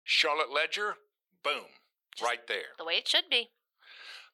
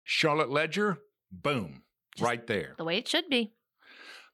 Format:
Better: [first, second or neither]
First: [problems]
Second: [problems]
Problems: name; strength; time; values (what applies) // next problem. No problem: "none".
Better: second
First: thin; very; fading below 500 Hz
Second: none